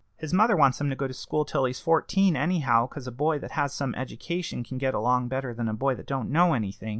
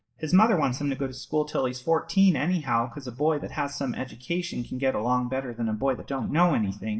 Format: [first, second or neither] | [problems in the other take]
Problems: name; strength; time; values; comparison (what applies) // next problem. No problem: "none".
first | noise reduction (neural mask model DeepFilterNet 3)